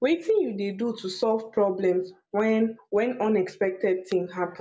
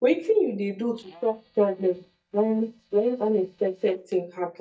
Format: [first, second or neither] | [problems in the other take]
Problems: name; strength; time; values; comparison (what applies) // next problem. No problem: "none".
first | noise reduction (neural mask model DeepFilterNet 3)